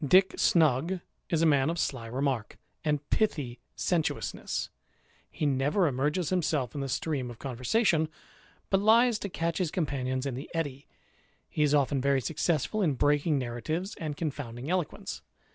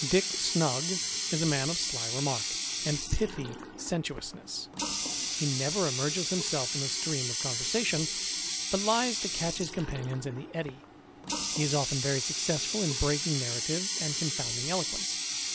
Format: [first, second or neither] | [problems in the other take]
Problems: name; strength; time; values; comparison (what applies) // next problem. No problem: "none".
first | background sound (Water tap, faucet); 1 dB below the speech